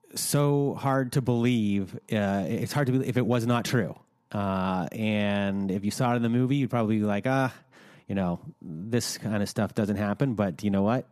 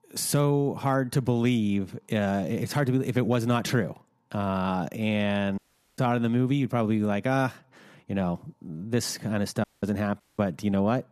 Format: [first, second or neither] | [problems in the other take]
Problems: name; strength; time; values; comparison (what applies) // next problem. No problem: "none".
first | audio cutting out; at 5.5 s, at 9.5 s and at 10 s